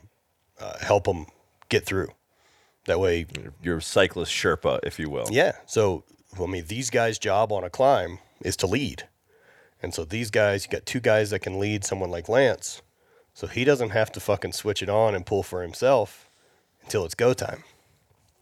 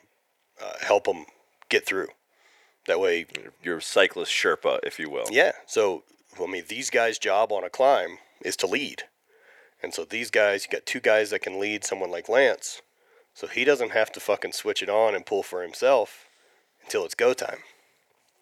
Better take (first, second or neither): first